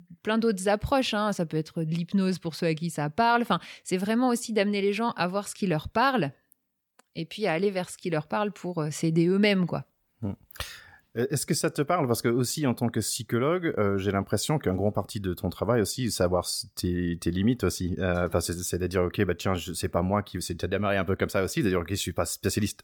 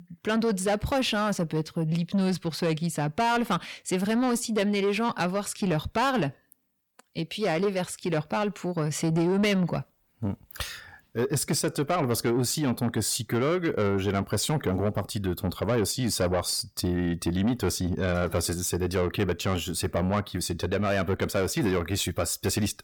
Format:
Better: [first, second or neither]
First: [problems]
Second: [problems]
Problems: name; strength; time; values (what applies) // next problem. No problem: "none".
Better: first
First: none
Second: distortion; slight; 10 dB below the speech